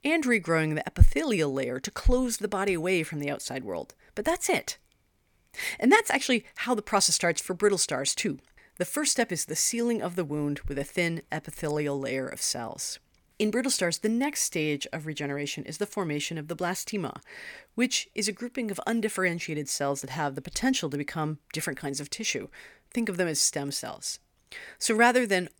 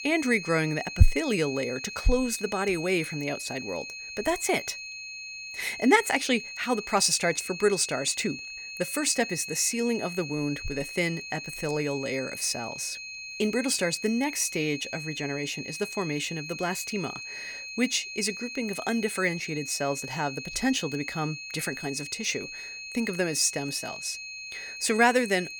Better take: first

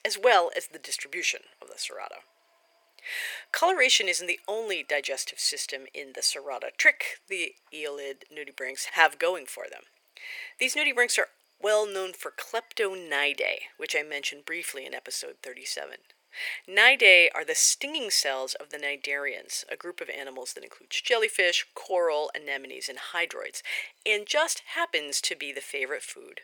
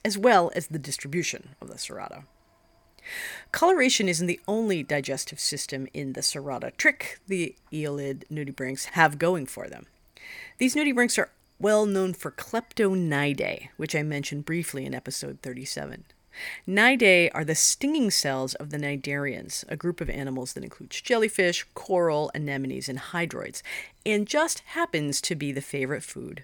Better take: second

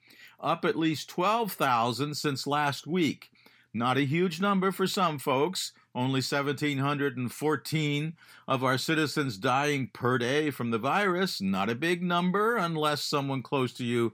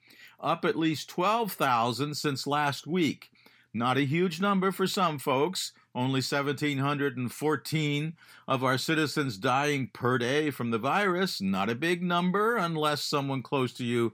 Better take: neither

